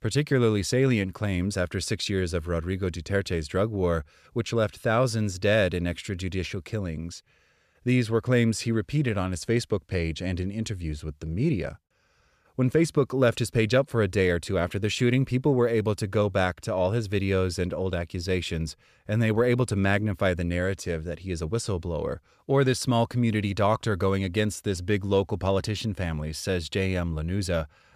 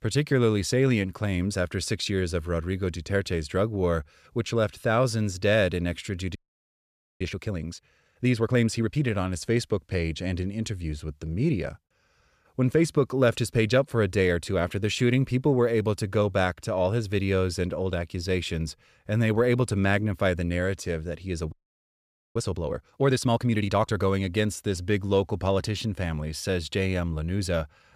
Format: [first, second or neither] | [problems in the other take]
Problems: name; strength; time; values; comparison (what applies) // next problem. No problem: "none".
first | audio freezing; at 6.5 s for 1 s and at 22 s for 1 s